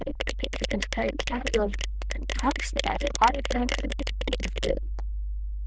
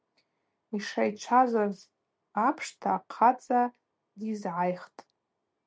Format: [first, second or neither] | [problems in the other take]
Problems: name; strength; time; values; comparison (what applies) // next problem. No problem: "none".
second | noise reduction (neural diffusion model UNIVERSE++)